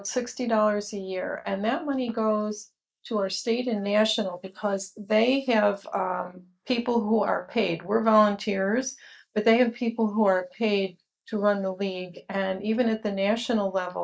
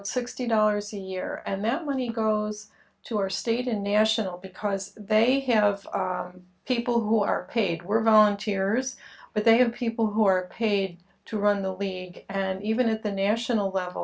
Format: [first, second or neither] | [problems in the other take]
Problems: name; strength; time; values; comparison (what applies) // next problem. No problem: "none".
second | noise reduction (neural mask model Resemble Enhance denoiser)